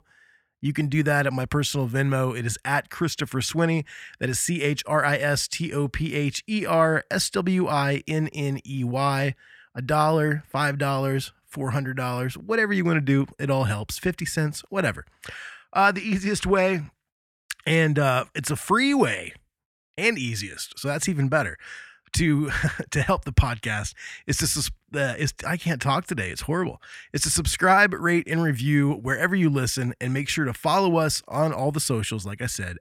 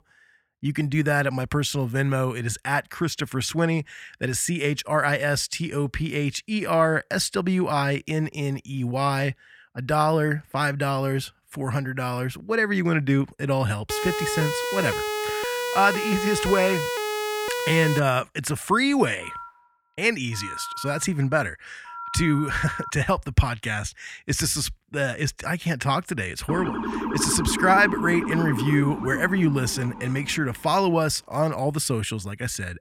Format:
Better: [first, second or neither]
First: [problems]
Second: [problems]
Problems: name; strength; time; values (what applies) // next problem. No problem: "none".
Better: first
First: none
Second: siren; noticeable; from 14 to 18 s and from 26 to 30 s; peak 2 dB below the speech // phone ringing; noticeable; from 19 to 23 s; peak 9 dB below the speech